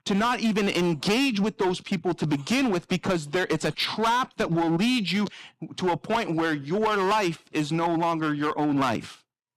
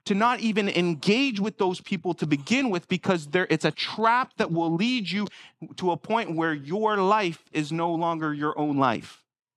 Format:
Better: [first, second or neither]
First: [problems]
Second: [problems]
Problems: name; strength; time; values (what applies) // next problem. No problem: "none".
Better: second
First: distortion; heavy; 14% of the sound clipped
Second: none